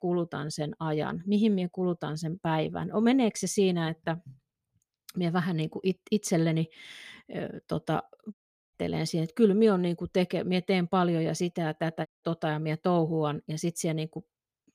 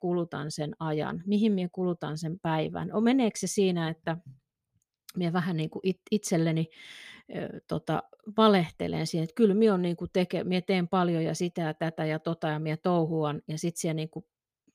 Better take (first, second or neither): second